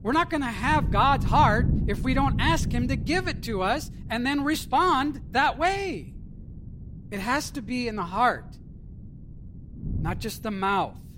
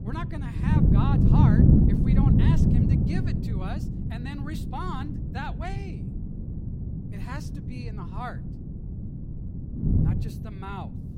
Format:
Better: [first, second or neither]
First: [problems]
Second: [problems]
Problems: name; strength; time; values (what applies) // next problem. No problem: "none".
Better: first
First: wind noise on the microphone; occasional gusts; 20 dB below the speech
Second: wind noise on the microphone; heavy; 4 dB above the speech